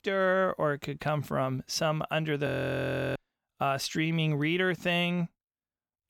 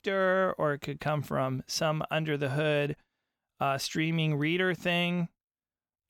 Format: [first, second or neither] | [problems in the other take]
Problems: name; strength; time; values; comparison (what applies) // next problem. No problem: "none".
second | audio freezing; at 2.5 s for 0.5 s